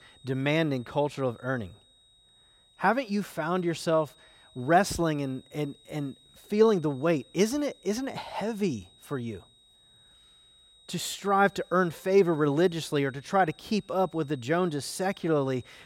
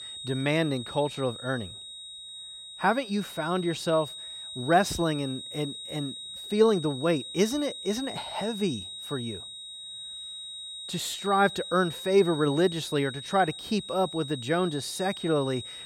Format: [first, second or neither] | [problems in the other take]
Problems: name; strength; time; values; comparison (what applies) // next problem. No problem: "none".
first | high-pitched whine; loud; throughout; 4 kHz, 10 dB below the speech; faint in the first